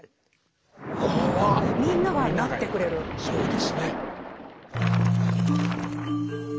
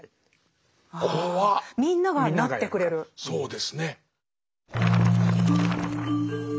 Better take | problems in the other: second | background sound (Splash, splatter); 3 dB below the speech

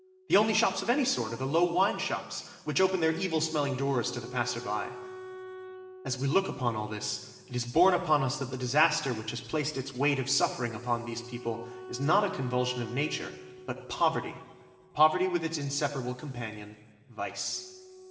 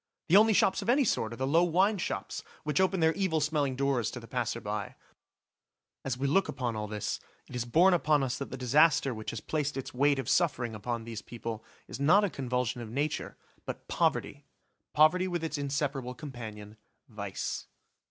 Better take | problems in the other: second | background sound (Wind instrument, woodwind instrument); 18 dB below the speech // room echo; dies away in 2.7 s

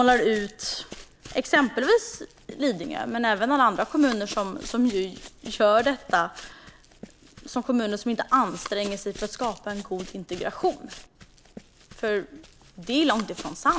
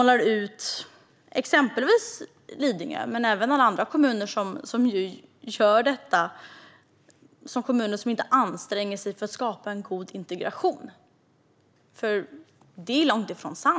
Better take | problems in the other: second | background sound (Run); 18 dB below the speech

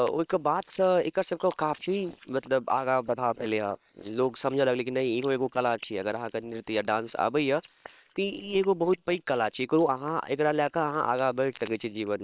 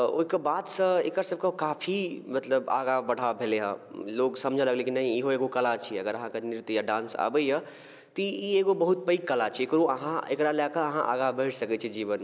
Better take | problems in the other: second | noise reduction (neural separator model SepFormer WHAM!)

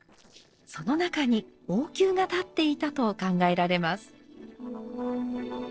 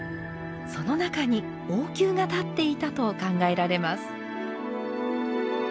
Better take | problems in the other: second | noise reduction (neural separator model SepFormer DNS4)

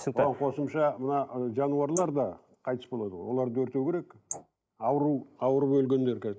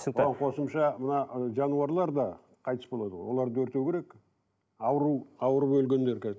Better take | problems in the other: second | noise reduction (neural mask model Resemble Enhance denoiser)

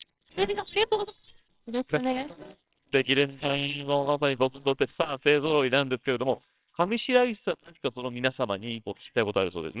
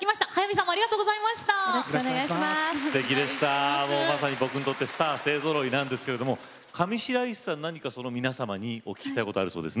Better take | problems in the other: second | noise reduction (neural separator model SepFormer WHAMR!)

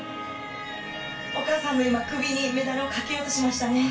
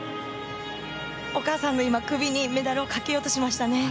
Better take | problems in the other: second | background sound (Animal); 15 dB below the speech // room echo; dies away in 0.2 s

